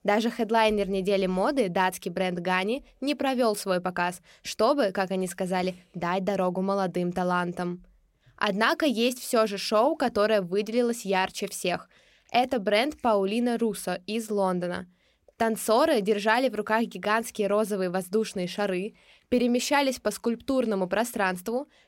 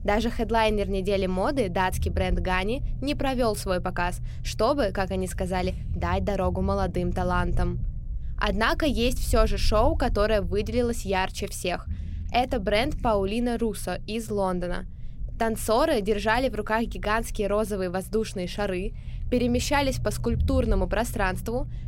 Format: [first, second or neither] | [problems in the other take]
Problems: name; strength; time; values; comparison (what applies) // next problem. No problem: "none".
first | low rumble; faint; throughout; 25 dB below the speech